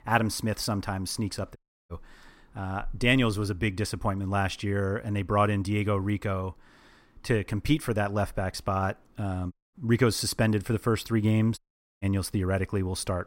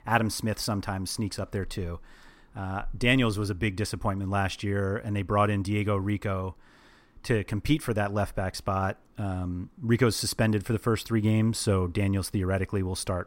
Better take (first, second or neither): second